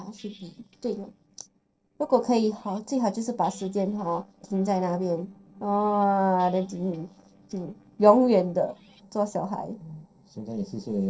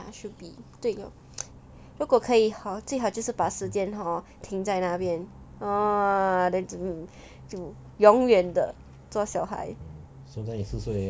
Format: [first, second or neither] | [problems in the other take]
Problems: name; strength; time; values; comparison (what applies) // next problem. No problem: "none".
second | noise reduction (neural separator model SepFormer DNS4)